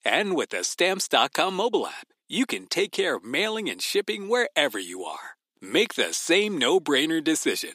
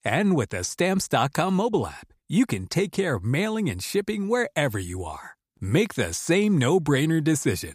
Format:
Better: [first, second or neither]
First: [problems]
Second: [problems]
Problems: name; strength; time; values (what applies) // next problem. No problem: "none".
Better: second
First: thin; somewhat; fading below 300 Hz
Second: none